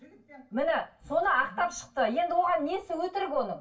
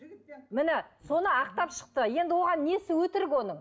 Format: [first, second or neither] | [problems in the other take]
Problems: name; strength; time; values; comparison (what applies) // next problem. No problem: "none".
second | room echo; dies away in 0.2 s